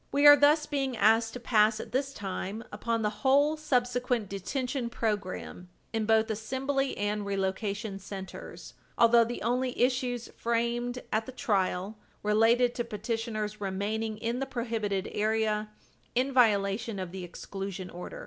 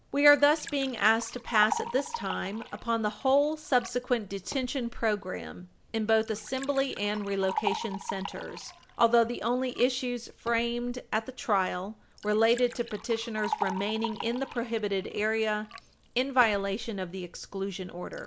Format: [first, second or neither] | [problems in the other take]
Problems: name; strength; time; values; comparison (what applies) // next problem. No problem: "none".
first | background sound (Liquid); 12 dB below the speech